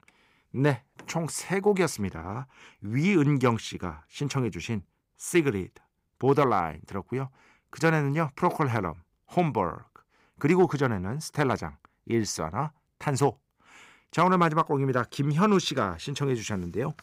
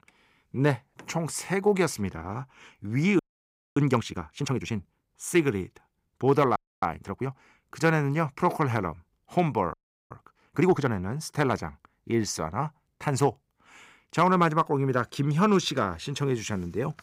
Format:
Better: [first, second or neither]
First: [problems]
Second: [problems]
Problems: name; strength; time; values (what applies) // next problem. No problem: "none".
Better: first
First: none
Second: audio freezing; at 3 s for 0.5 s, at 6.5 s and at 9.5 s